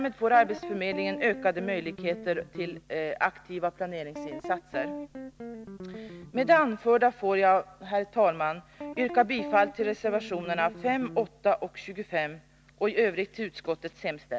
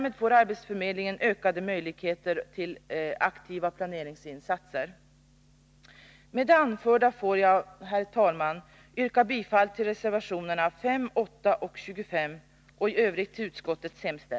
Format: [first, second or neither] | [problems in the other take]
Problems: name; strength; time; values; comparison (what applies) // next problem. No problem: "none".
second | background sound (Guitar); 12 dB below the speech